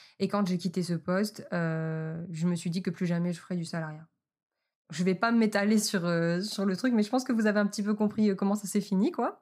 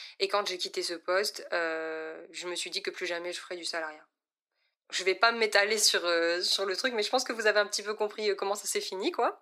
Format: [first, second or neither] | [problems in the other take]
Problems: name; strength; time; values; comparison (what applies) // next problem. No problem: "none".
first | thin; very; fading below 350 Hz